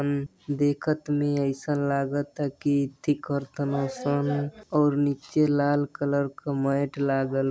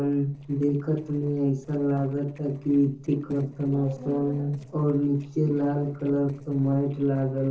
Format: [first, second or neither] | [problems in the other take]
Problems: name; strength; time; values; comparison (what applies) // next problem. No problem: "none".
first | noise reduction (neural separator model SepFormer DNS4)